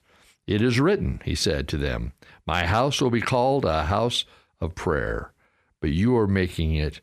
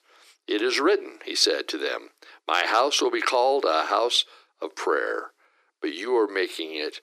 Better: first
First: none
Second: thin; very; fading below 300 Hz

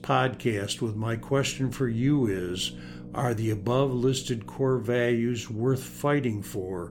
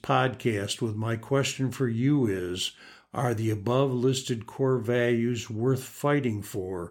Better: second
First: low rumble; faint; throughout; 20 dB below the speech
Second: none

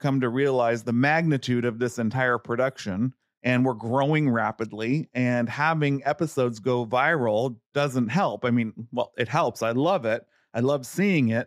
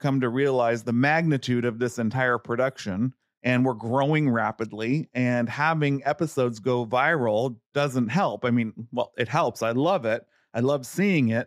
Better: neither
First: muffled; slightly; fading above 3.5 kHz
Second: muffled; slightly; fading above 3.5 kHz

